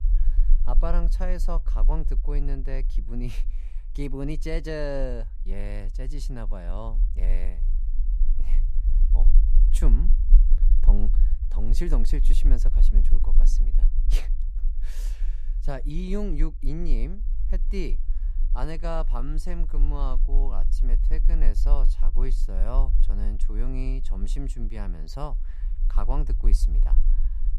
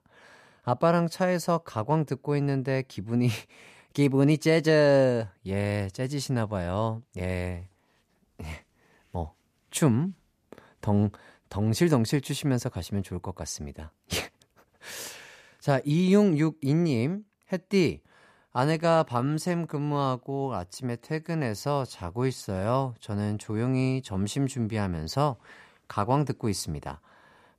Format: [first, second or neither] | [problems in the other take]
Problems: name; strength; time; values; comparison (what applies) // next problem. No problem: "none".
second | low rumble; noticeable; throughout; 15 dB below the speech